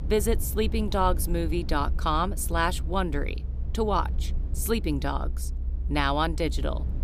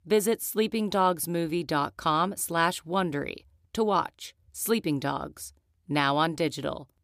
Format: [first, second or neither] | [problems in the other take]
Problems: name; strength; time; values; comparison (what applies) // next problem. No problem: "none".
second | low rumble; faint; throughout; 20 dB below the speech